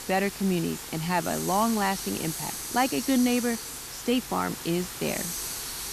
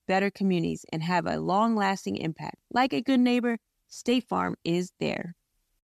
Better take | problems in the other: second | hiss; loud; throughout; 6 dB below the speech

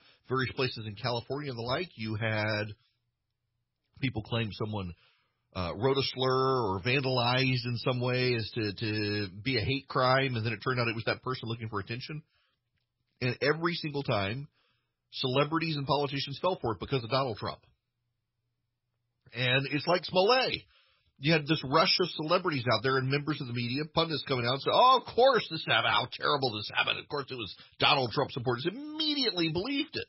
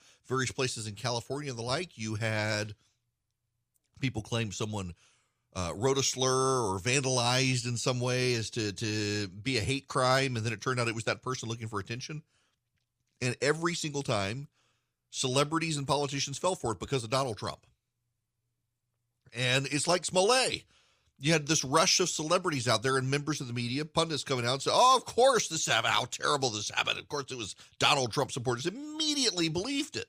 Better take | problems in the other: second | garbled, watery; badly; nothing above 5.5 kHz

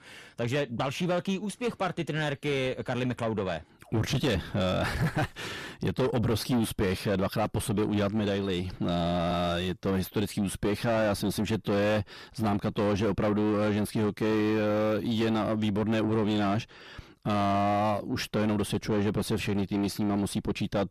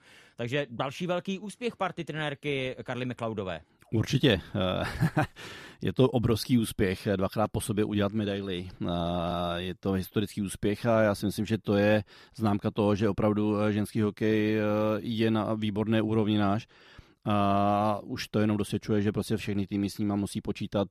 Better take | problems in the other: second | distortion; heavy; 7 dB below the speech

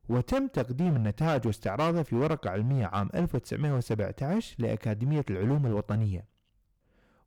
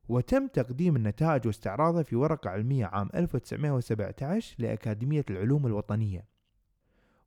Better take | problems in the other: second | distortion; slight; 11% of the sound clipped

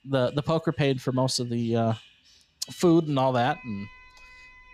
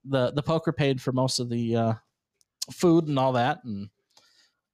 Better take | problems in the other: second | alarms or sirens; faint; throughout; 25 dB below the speech

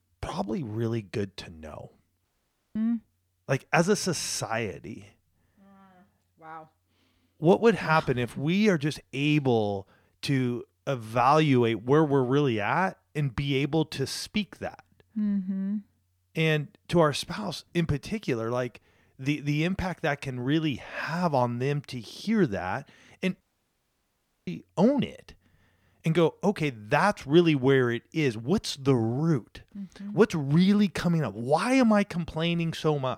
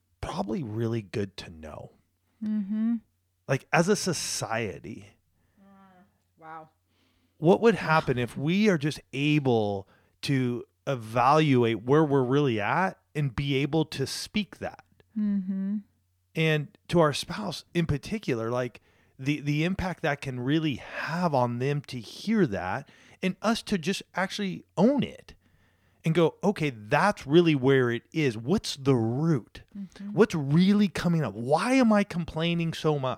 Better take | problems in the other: second | audio cutting out; at 2.5 s for 0.5 s and at 23 s for 1 s

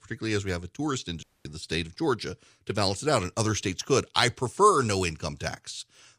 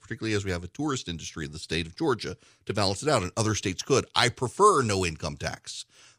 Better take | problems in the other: second | audio cutting out; at 1 s

